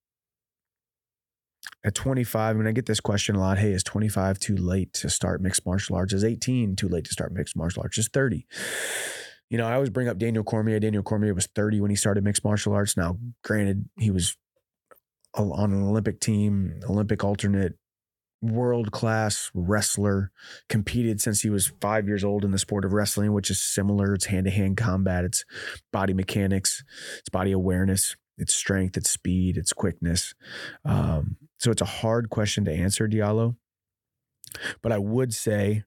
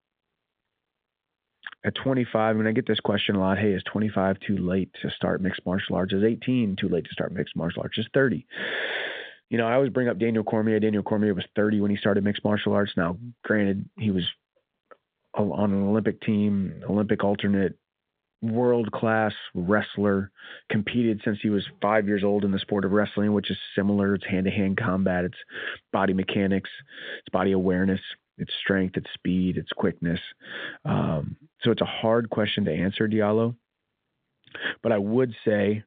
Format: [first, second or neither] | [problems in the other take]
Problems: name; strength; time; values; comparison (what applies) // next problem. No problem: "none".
first | phone-call audio